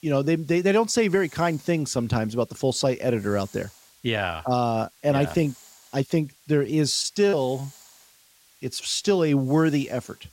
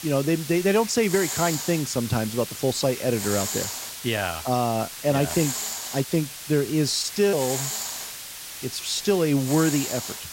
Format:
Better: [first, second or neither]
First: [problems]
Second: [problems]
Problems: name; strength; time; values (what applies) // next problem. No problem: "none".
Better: first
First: hiss; faint; throughout; 25 dB below the speech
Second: hiss; loud; throughout; 6 dB below the speech